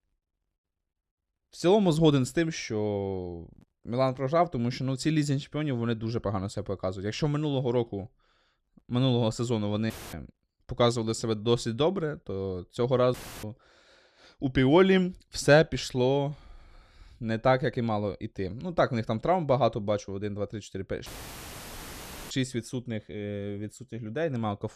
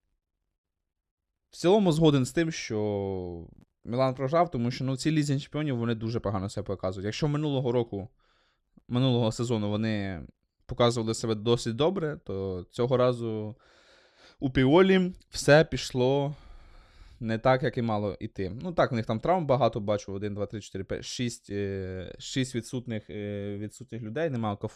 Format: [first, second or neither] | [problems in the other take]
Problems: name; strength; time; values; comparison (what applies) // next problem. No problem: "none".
second | audio cutting out; filled with static; at 10 s, at 13 s and at 21 s for 1.5 s